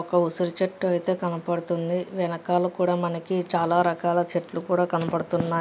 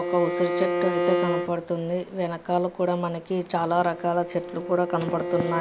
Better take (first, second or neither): first